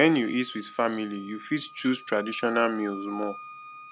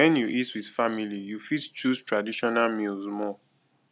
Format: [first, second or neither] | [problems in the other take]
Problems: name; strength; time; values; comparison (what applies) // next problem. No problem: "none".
second | background sound (Wind instrument, woodwind instrument); 16 dB below the speech